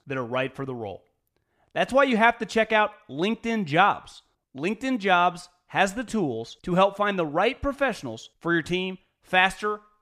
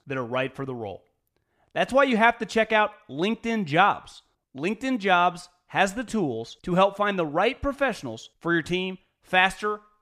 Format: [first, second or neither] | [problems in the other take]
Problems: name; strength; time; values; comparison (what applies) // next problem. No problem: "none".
neither | none